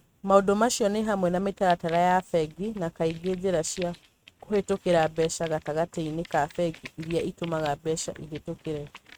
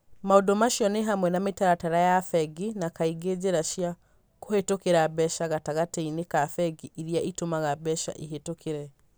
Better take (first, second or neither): second